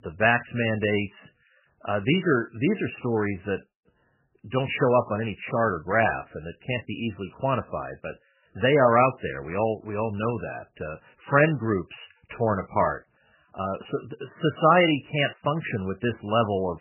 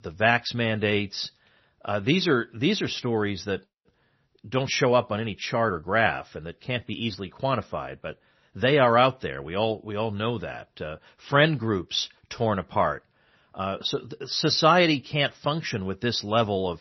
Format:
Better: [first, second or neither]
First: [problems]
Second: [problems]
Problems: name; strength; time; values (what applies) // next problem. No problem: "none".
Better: second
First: garbled, watery; badly; nothing above 3 kHz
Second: garbled, watery; slightly; nothing above 6 kHz